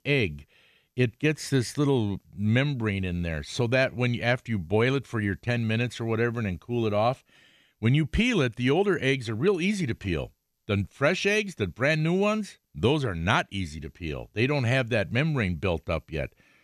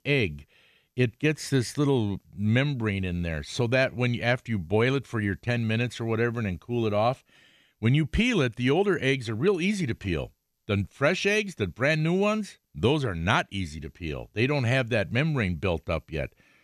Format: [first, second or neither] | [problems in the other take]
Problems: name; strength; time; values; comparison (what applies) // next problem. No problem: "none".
neither | none